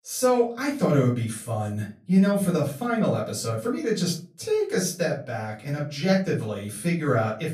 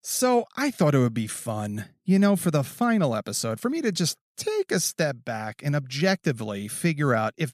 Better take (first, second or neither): second